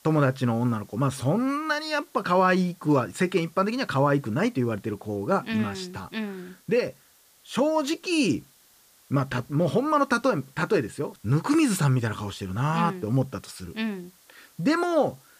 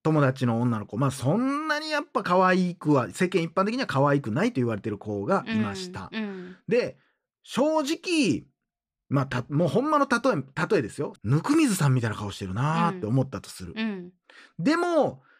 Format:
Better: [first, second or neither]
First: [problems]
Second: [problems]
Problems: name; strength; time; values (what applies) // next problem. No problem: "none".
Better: second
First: hiss; faint; throughout; 30 dB below the speech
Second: none